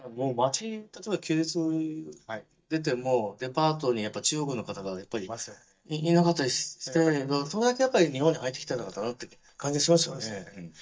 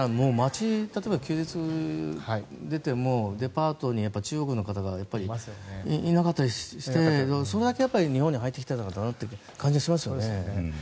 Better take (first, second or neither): second